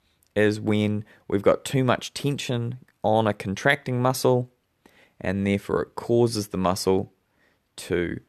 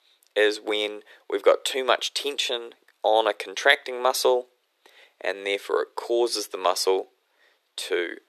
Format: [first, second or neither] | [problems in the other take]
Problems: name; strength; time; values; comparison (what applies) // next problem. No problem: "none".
first | thin; very; fading below 350 Hz